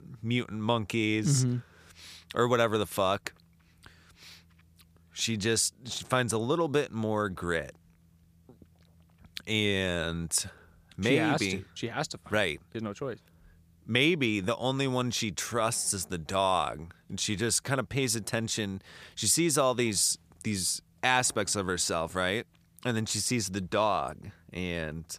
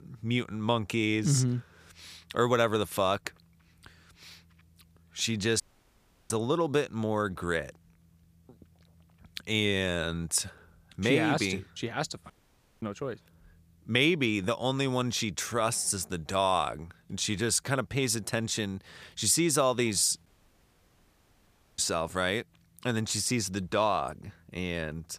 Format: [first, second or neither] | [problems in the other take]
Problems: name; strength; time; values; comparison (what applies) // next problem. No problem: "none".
first | audio cutting out; at 5.5 s for 0.5 s, at 12 s for 0.5 s and at 20 s for 1.5 s